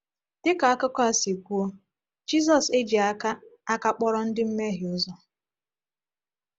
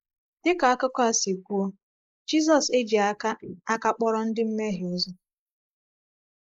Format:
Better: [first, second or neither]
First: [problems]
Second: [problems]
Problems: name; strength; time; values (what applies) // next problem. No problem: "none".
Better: first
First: none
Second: noise reduction (neural mask model Resemble Enhance denoiser)